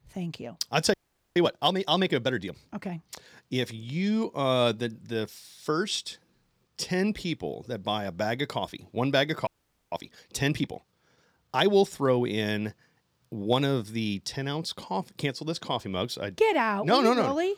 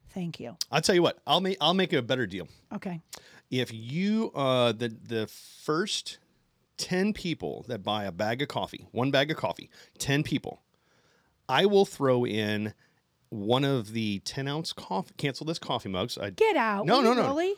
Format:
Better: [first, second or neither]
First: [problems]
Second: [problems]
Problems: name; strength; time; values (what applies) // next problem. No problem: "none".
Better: second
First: audio freezing; at 1 s and at 9.5 s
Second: none